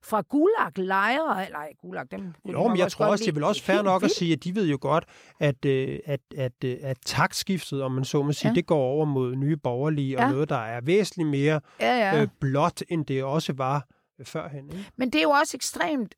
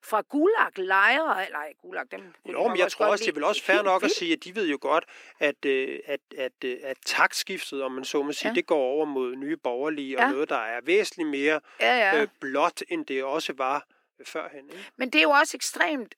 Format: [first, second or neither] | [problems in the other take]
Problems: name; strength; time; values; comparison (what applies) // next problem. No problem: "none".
first | thin; somewhat; fading below 300 Hz